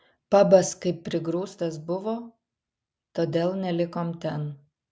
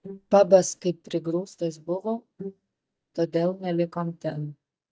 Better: first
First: none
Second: noise reduction (neural mask model DeepFilterNet 3)

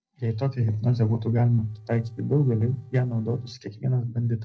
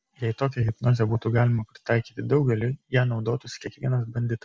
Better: second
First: noise reduction (neural separator model SepFormer DNS4)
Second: none

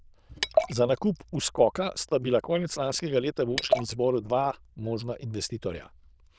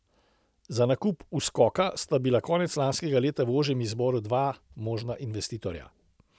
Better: second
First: noise reduction (neural diffusion model UNIVERSE++)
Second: none

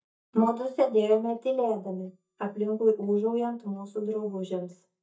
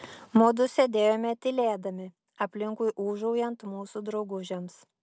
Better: second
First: noise reduction (neural mask model DeepFilterNet 3)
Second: none

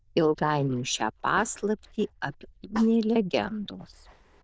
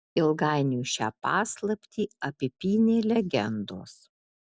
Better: second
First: noise reduction (neural diffusion model UNIVERSE++)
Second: none

